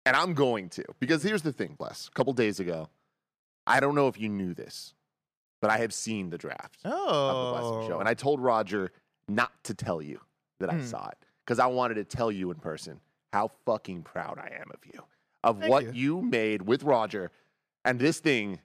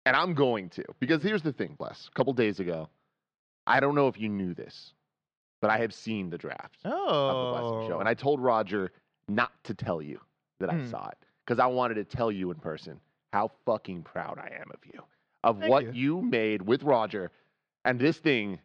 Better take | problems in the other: first | muffled; very slightly; fading above 4 kHz

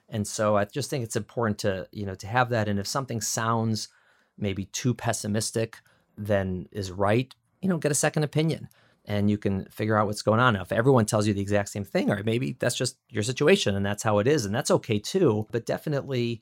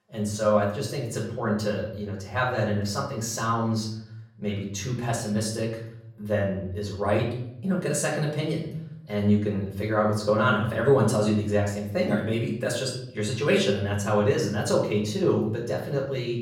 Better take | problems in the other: first | room echo; slight; dies away in 0.7 s // off-mic speech; far

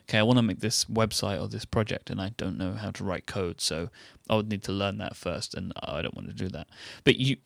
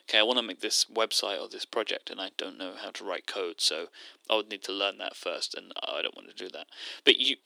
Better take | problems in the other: first | thin; very; fading below 300 Hz

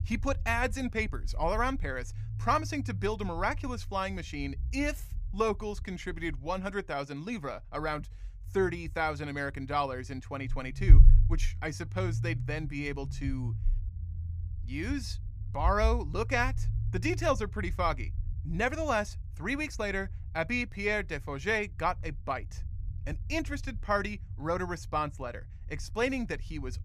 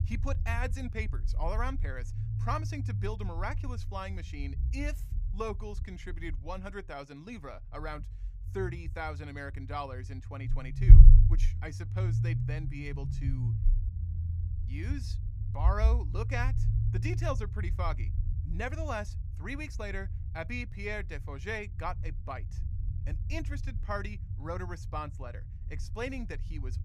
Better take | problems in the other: first | low rumble; loud; throughout; 10 dB below the speech; faint in the first

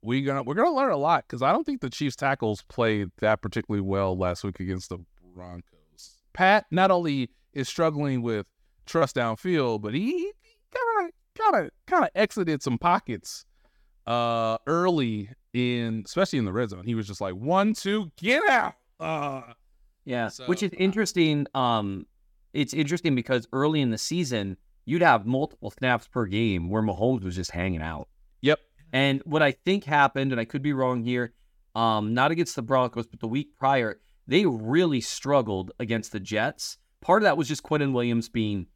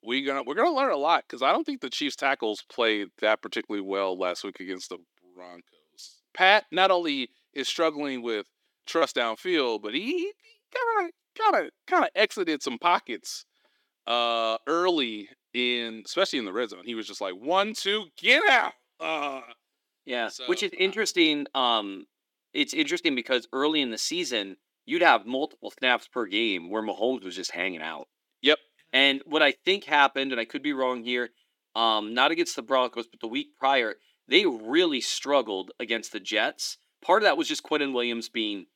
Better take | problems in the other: first | thin; very slightly; fading below 300 Hz

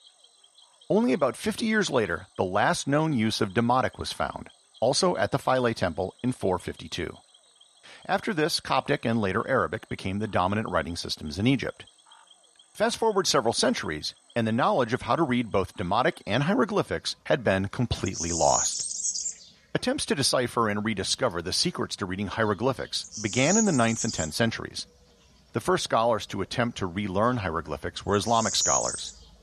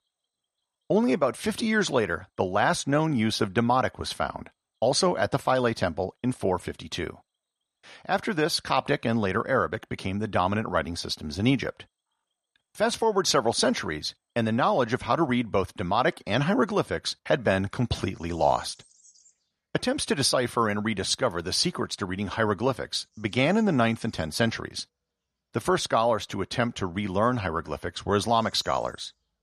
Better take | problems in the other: second | animal sounds; loud; throughout; 2 dB below the speech; faint in the second

